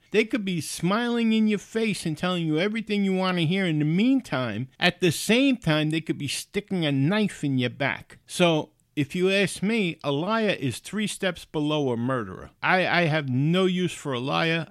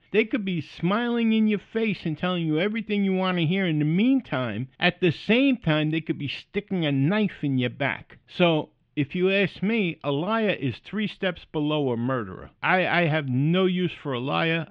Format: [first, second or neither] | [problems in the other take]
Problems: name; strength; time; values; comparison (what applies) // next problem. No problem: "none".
first | muffled; slightly; fading above 3 kHz